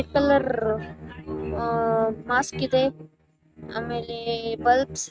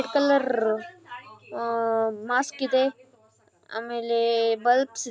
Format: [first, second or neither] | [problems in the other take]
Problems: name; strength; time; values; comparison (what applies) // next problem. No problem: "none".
second | noise reduction (neural mask model RNNoise)